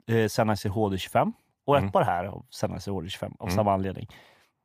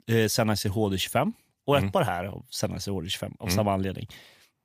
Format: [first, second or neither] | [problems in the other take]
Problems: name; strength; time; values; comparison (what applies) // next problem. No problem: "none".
second | muffled; slightly; fading above 2.5 kHz